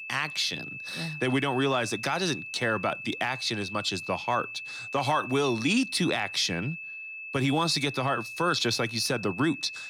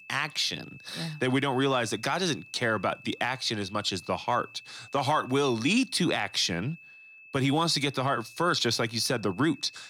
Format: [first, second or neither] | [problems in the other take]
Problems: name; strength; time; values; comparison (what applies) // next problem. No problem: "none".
second | high-pitched whine; loud; throughout; 2.5 kHz, 9 dB below the speech; faint in the second